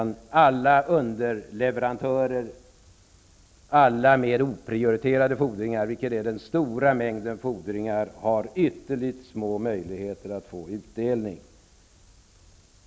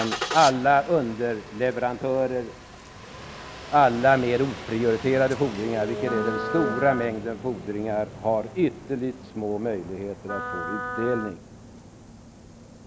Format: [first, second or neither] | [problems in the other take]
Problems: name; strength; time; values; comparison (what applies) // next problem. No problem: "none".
first | background sound (Wind instrument, woodwind instrument + Engine starting); 10 dB below the speech